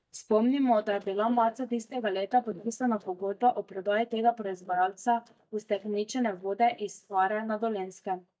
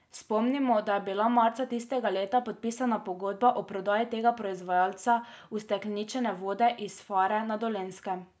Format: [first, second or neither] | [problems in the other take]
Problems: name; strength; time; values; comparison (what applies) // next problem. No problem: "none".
second | noise reduction (neural mask model DeepFilterNet 3)